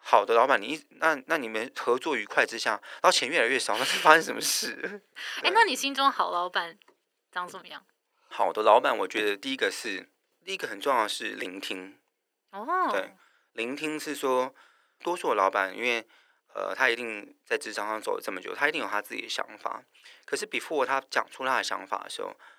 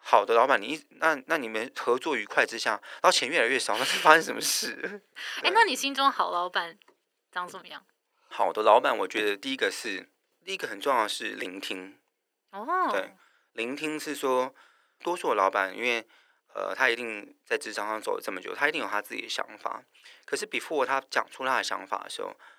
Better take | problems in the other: neither | thin; very; fading below 400 Hz; the same in both

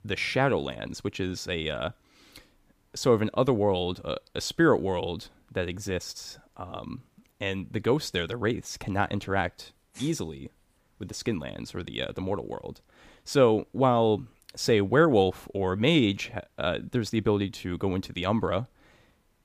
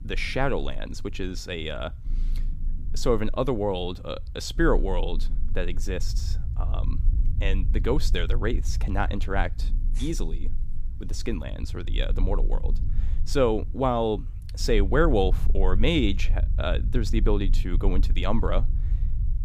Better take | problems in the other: first | low rumble; faint; throughout; 20 dB below the speech

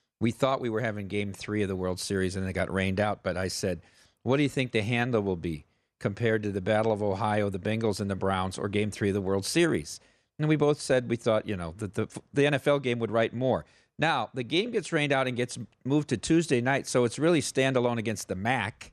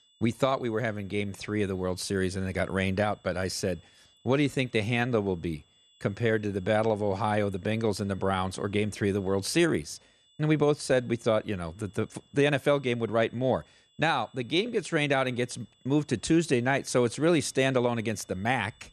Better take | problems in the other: first | high-pitched whine; faint; throughout; 3.5 kHz, 35 dB below the speech

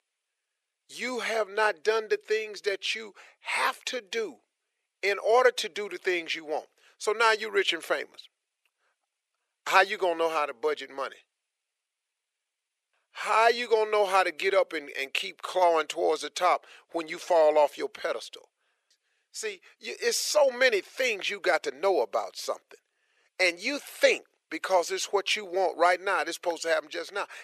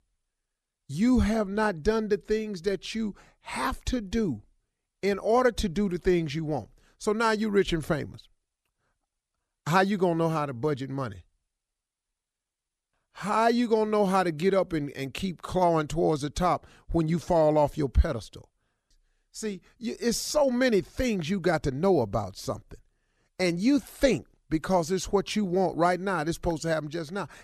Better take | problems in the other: second | thin; very; fading below 450 Hz

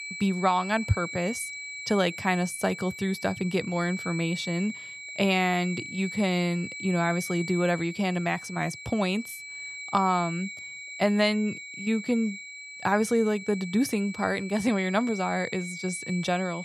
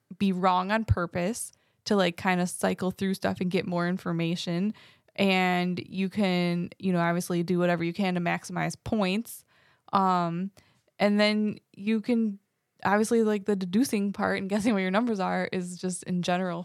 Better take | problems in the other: second | high-pitched whine; loud; throughout; 2.5 kHz, 10 dB below the speech

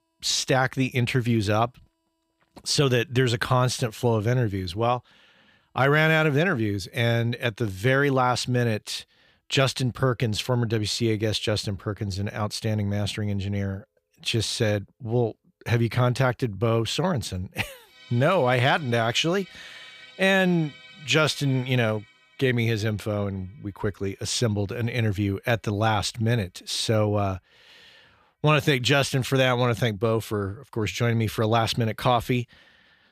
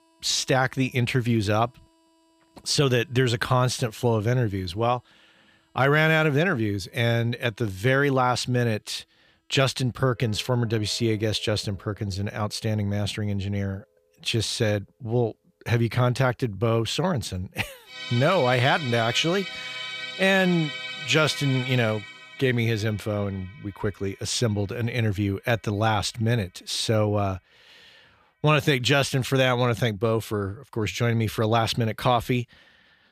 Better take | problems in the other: first | background music; loud; throughout; 9 dB below the speech; faint in the first

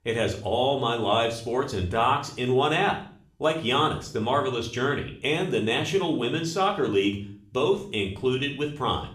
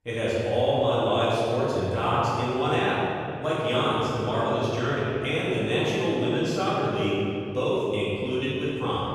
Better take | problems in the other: first | room echo; strong; dies away in 3 s; slight in the first // off-mic speech; far; somewhat distant in the first

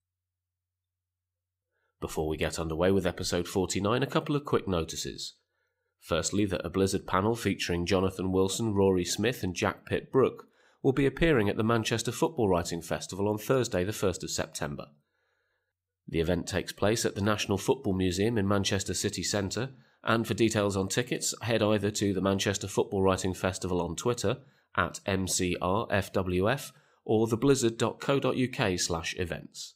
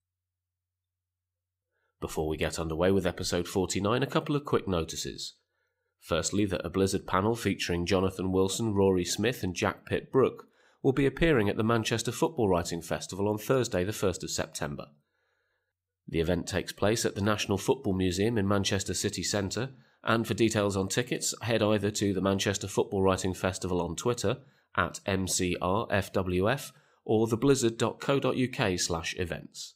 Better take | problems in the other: neither | none

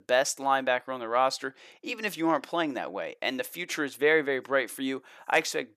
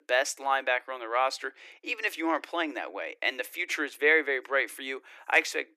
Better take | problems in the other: first | thin; somewhat; fading below 300 Hz

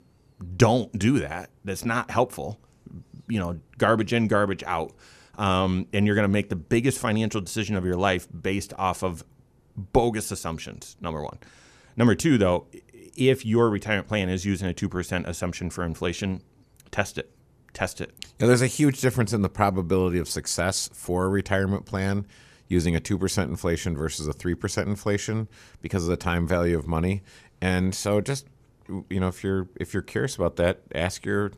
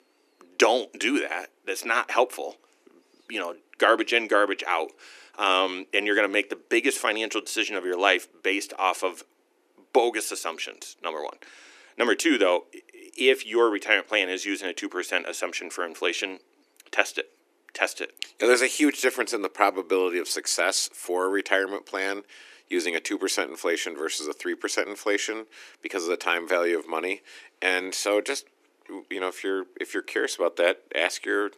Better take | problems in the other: first | thin; somewhat; fading below 300 Hz

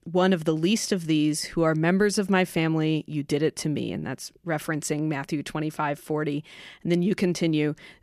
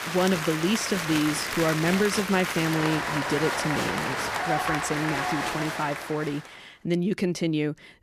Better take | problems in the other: first | crowd noise; loud; until 6 s; 1 dB below the speech

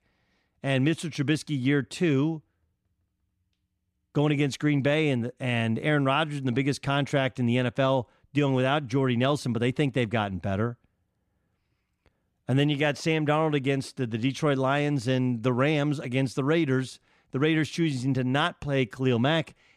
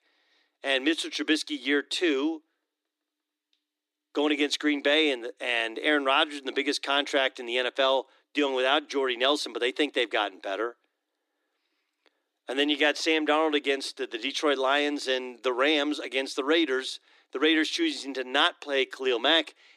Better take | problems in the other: first | thin; somewhat; fading below 300 Hz

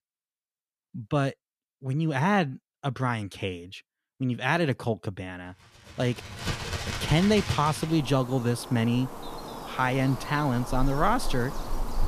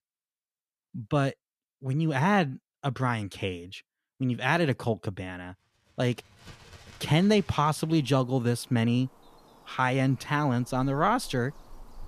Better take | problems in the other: second | animal sounds; loud; from 6 s on; 9 dB below the speech; faint in the second

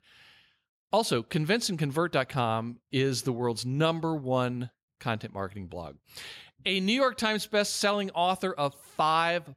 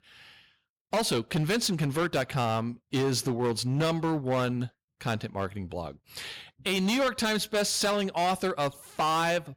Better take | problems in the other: first | distortion; heavy; 12% of the sound clipped

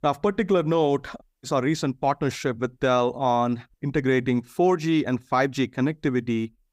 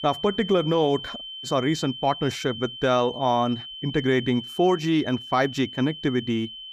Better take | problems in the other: first | high-pitched whine; noticeable; throughout; 3 kHz, 10 dB below the speech

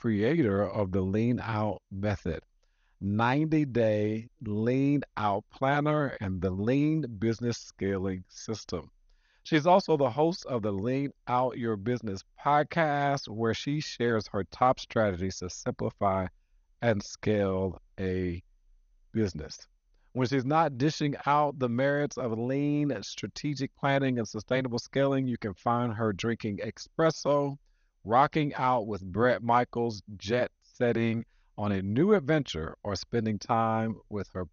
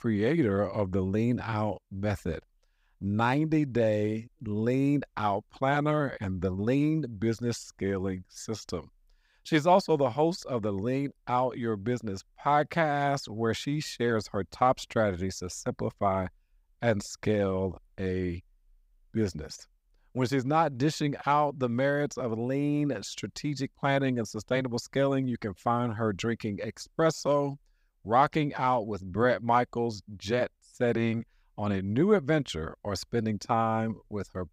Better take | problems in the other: second | garbled, watery; slightly; nothing above 6.5 kHz

